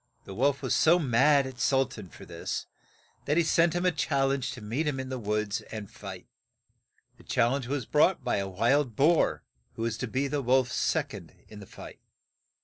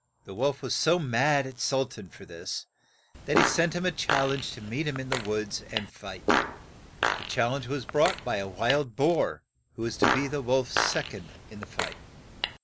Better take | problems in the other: first | background sound (Fart); 2 dB below the speech

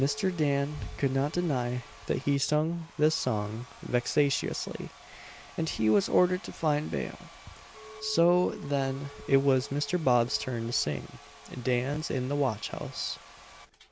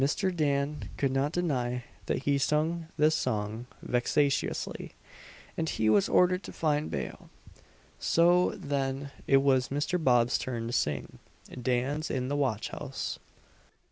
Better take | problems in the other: second | background sound (Domestic sounds, home sounds + Chink, clink); 20 dB below the speech

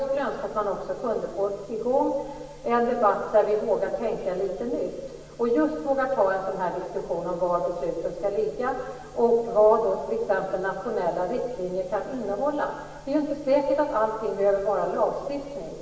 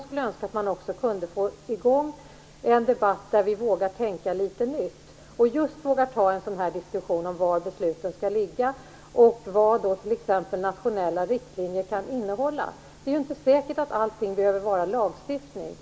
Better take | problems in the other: second | room echo; dies away in 1.3 s

